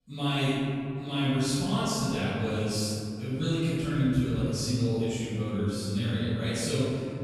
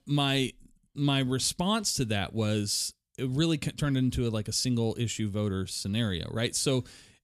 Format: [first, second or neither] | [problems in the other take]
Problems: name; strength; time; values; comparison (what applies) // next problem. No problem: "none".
second | room echo; strong; dies away in 2.4 s // off-mic speech; far